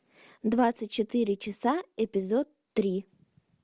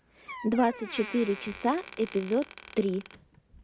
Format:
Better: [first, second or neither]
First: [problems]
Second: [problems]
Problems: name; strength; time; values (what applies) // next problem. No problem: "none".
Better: first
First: none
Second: background sound (Door); 15 dB below the speech